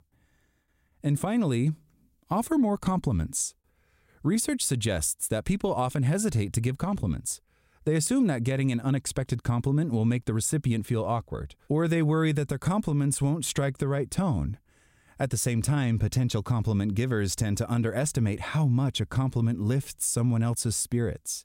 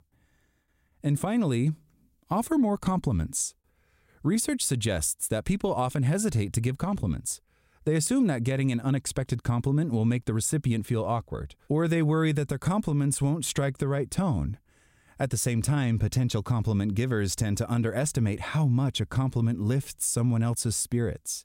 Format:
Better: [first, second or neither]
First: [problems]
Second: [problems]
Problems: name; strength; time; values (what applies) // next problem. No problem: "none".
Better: neither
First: none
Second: none